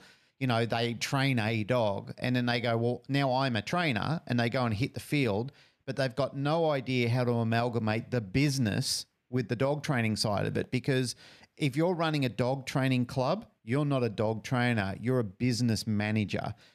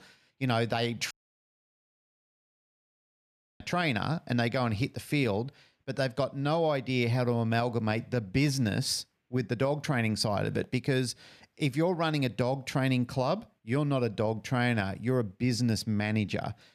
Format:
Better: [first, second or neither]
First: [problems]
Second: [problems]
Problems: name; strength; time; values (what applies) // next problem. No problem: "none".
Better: first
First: none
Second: audio cutting out; at 1 s for 2.5 s